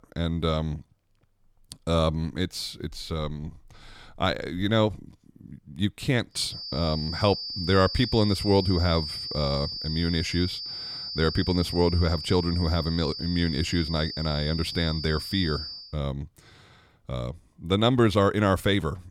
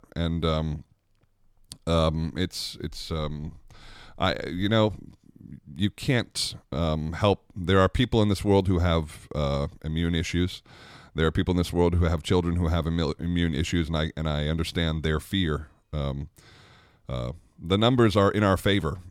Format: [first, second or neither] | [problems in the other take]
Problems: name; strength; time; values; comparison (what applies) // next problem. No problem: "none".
second | high-pitched whine; loud; from 6.5 to 16 s; 4.5 kHz, 6 dB below the speech